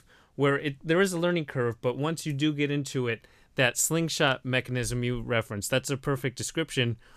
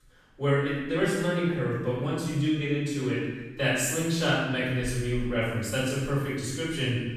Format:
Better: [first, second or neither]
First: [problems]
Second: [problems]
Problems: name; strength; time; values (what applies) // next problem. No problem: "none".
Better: first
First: none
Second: room echo; strong; dies away in 1.1 s // off-mic speech; far